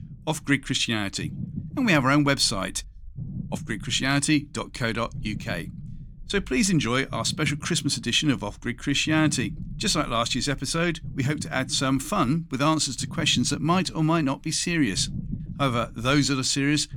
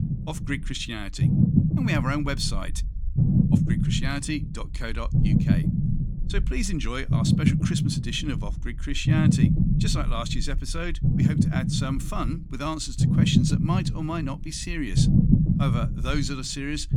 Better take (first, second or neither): first